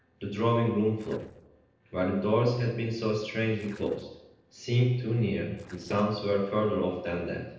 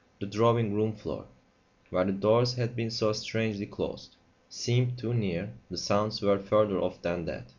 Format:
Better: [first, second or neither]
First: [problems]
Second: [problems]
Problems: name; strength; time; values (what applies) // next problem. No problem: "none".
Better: second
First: noise reduction (neural separator model SepFormer DNS4)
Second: none